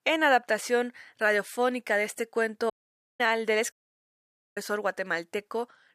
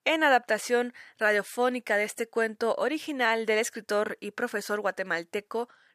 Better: second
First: audio cutting out; at 2.5 s and at 3.5 s for 1 s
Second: none

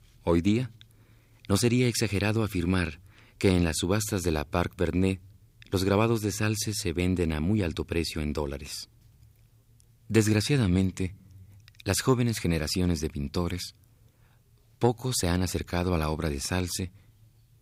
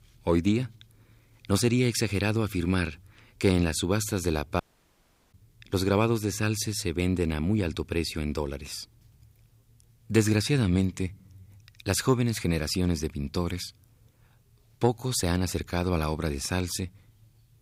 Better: first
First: none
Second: audio cutting out; at 4.5 s for 0.5 s

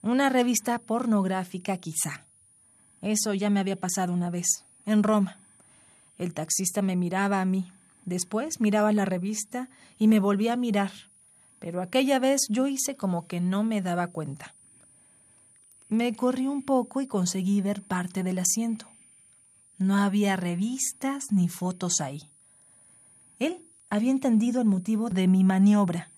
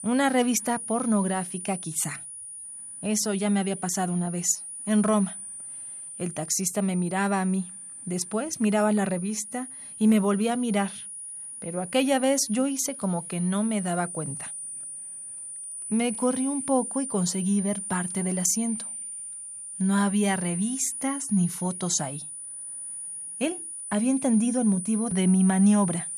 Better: first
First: high-pitched whine; faint; throughout; 9 kHz, 30 dB below the speech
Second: high-pitched whine; loud; throughout; 9 kHz, 8 dB below the speech

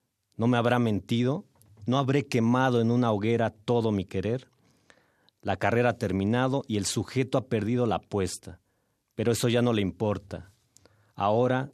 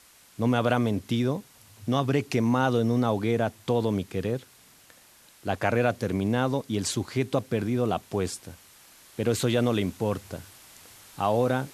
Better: first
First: none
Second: hiss; faint; throughout; 25 dB below the speech

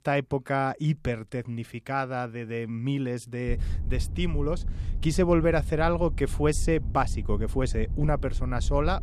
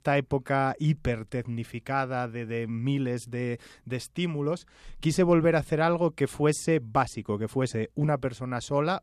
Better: second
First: low rumble; faint; from 3.5 s on; 20 dB below the speech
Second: none

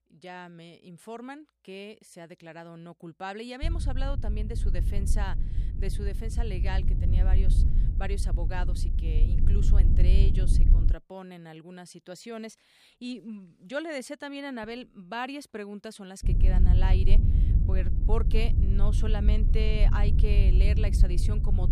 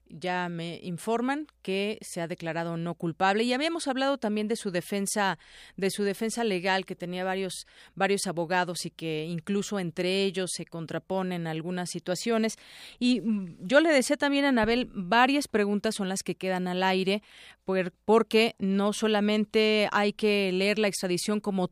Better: second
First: low rumble; loud; from 3.5 to 11 s and from 16 s on; 5 dB below the speech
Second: none

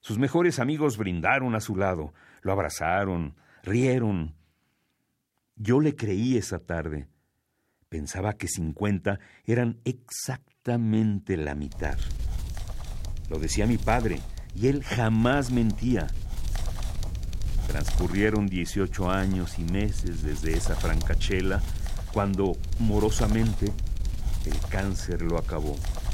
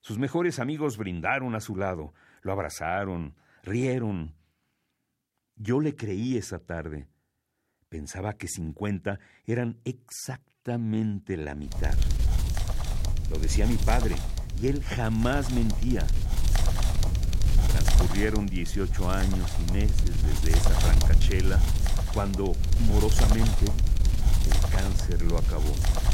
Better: first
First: wind noise on the microphone; occasional gusts; from 12 s on; 15 dB below the speech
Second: wind noise on the microphone; heavy; from 12 s on; 4 dB below the speech

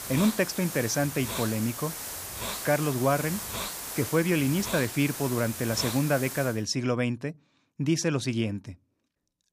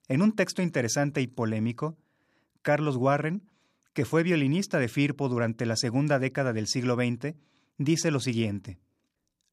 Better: second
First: hiss; loud; until 6.5 s; 6 dB below the speech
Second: none

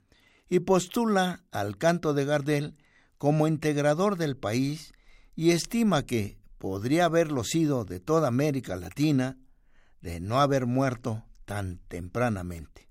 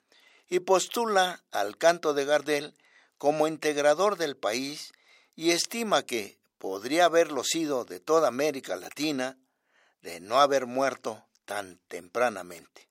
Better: first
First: none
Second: thin; somewhat; fading below 500 Hz

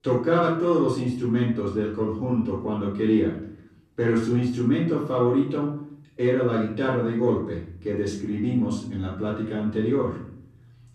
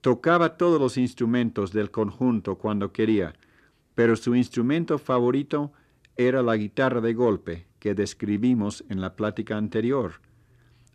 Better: second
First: off-mic speech; far // room echo; noticeable; dies away in 0.6 s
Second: none

